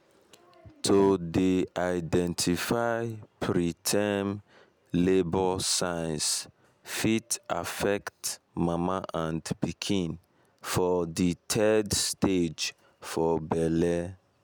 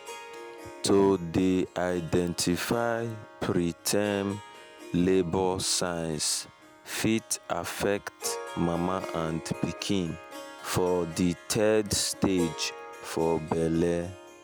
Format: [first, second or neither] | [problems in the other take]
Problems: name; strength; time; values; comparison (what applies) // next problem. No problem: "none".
first | background sound (Harp); 15 dB below the speech